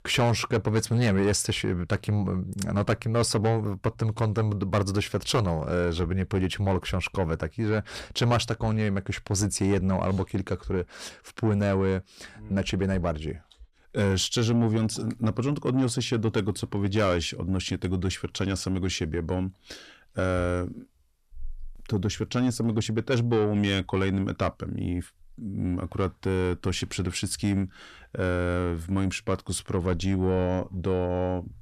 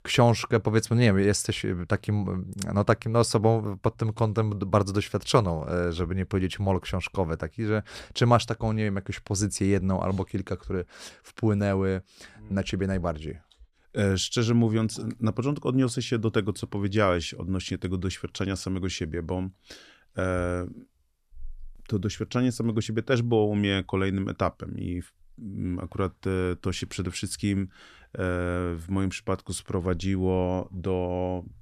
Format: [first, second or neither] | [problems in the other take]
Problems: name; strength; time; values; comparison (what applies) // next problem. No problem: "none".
second | distortion; slight; 10 dB below the speech